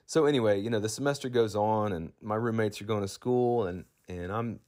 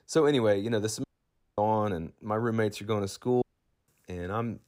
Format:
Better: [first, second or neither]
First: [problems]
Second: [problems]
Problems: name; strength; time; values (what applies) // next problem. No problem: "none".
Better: first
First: none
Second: audio cutting out; at 1 s for 0.5 s and at 3.5 s